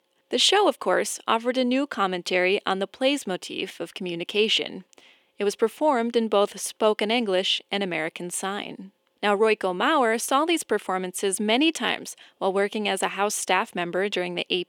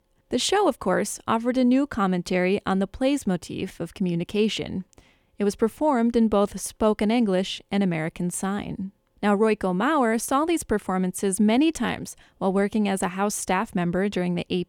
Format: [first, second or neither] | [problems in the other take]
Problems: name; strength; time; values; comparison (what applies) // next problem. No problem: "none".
second | thin; somewhat; fading below 400 Hz